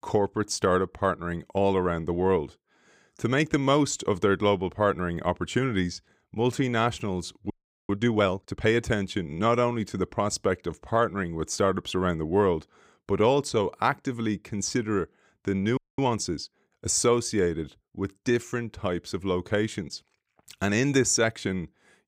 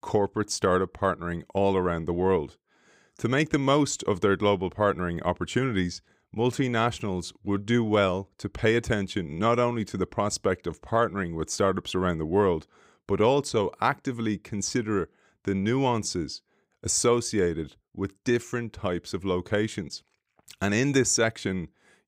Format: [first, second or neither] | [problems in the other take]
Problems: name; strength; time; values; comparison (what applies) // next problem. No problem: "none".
second | audio freezing; at 7.5 s and at 16 s